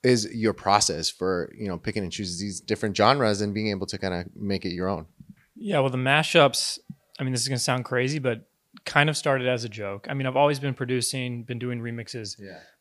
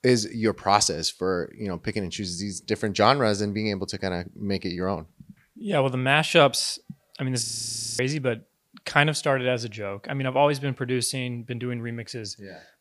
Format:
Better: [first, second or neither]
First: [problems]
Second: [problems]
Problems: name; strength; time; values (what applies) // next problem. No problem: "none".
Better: first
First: none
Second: audio freezing; at 7.5 s for 0.5 s